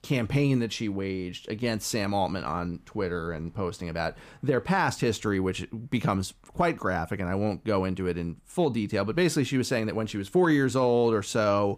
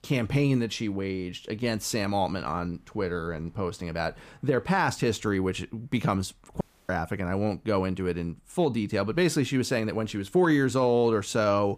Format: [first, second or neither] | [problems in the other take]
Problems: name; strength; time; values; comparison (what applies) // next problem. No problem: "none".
first | audio cutting out; at 6.5 s